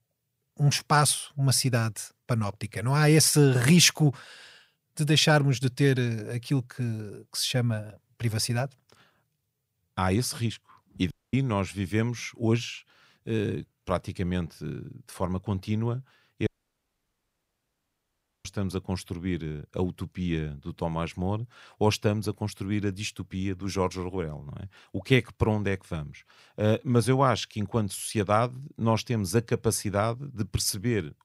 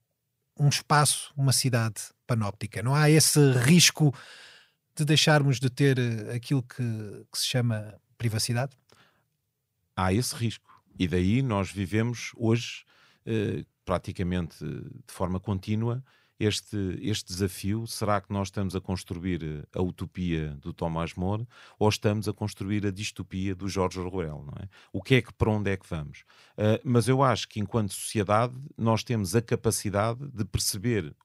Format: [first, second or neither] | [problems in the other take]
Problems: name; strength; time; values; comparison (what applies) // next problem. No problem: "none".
second | audio cutting out; at 11 s and at 16 s for 2 s